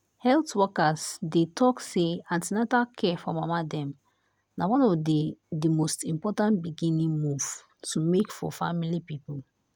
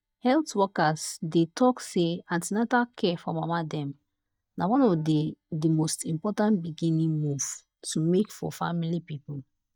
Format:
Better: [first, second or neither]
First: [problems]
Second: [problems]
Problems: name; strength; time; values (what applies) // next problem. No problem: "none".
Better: first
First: none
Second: noise reduction (neural mask model DeepFilterNet 3)